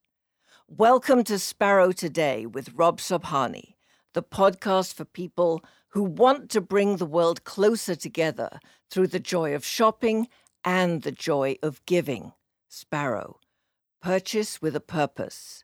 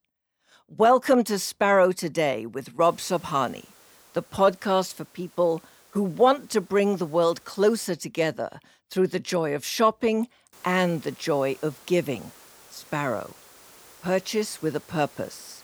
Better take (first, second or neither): first